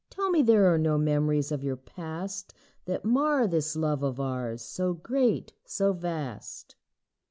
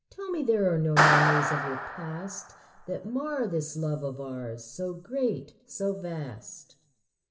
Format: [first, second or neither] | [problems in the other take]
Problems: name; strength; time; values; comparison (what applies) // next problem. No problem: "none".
first | background sound (Clapping); 2 dB above the speech // room echo; dies away in 0.6 s